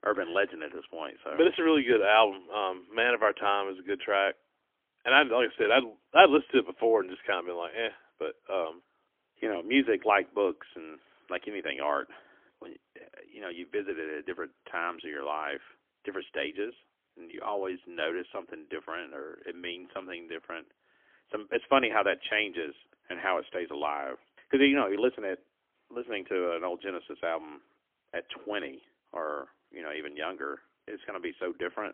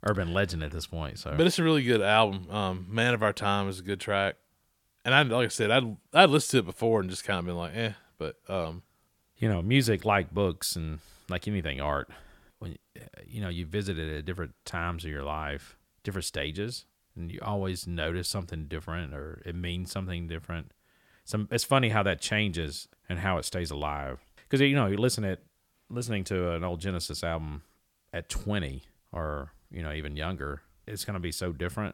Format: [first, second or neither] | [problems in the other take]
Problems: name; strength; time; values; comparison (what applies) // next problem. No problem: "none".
second | phone-call audio; poor line; nothing above 3.5 kHz